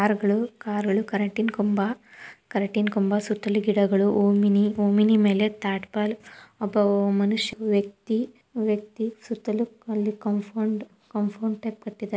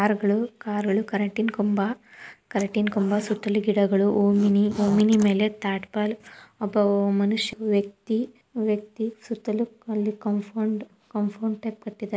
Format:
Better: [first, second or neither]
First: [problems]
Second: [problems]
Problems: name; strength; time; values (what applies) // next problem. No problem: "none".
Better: first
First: none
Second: noise reduction (neural mask model Resemble Enhance denoiser)